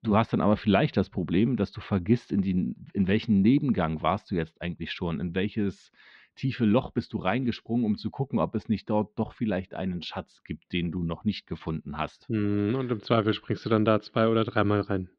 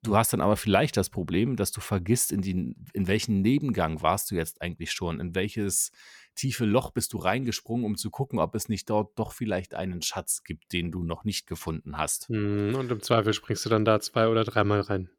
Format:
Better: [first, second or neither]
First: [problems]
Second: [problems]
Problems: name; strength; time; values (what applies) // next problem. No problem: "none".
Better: second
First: muffled; slightly; fading above 4 kHz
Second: none